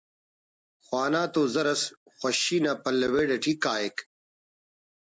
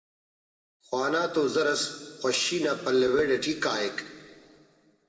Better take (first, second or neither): first